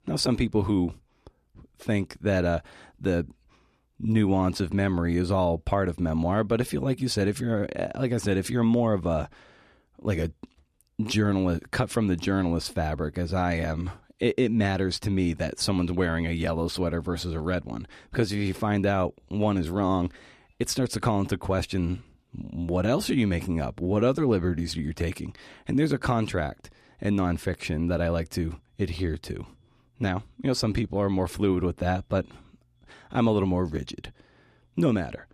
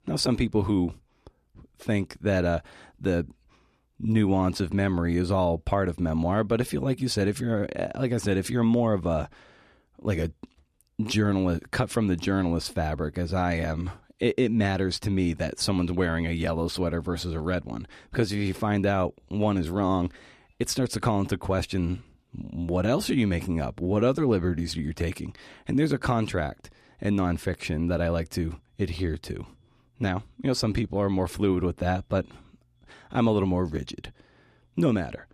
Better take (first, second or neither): neither